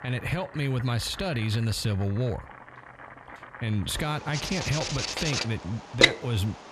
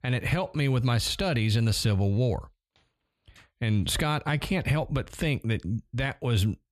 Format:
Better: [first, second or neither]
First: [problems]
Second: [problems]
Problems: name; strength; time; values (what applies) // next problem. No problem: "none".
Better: second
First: household noises; very loud; throughout; 4 dB above the speech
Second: none